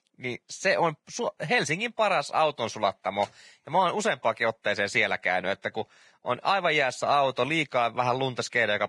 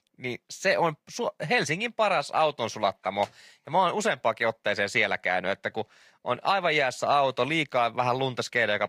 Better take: second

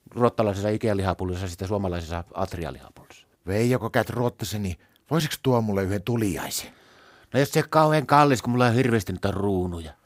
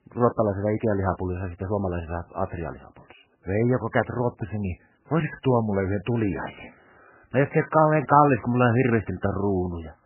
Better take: first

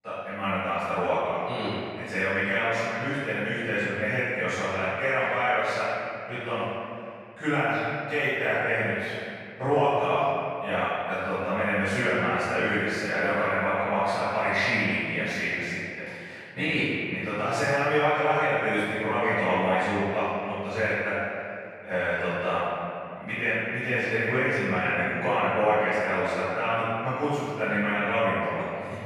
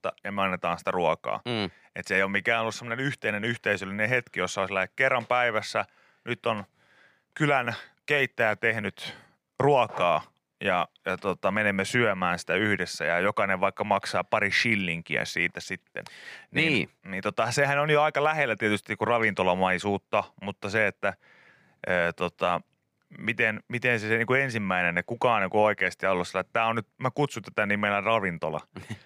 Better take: second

